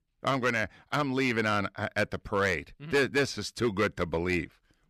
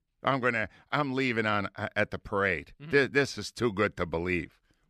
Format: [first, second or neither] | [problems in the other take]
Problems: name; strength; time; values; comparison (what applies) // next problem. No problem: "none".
second | distortion; slight; 4% of the sound clipped